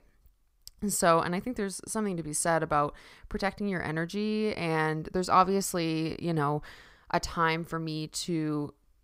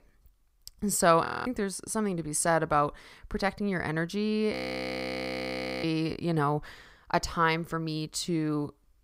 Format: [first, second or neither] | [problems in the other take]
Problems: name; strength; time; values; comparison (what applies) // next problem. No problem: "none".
first | audio freezing; at 1.5 s and at 4.5 s for 1.5 s